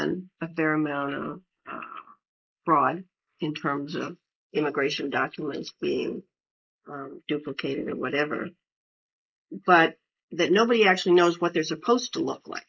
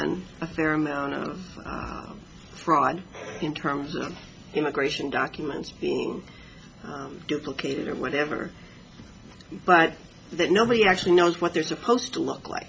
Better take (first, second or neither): second